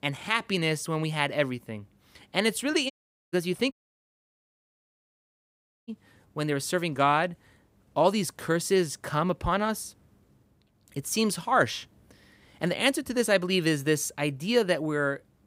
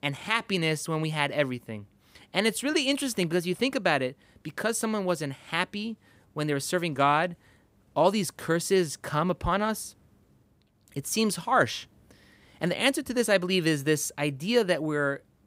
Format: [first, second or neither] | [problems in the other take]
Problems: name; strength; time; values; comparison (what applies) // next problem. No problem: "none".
second | audio cutting out; at 3 s and at 3.5 s for 2 s